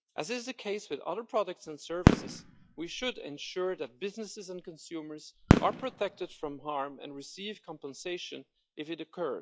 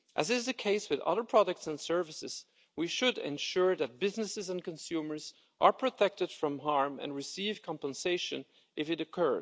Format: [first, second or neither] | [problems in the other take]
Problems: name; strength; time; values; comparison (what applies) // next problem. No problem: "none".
second | noise reduction (classical method log-MMSE)